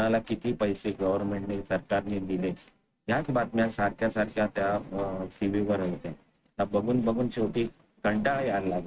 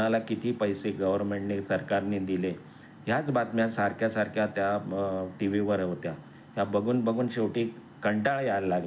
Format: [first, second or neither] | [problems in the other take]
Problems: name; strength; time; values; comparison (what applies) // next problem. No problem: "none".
second | noise reduction (neural mask model RNNoise)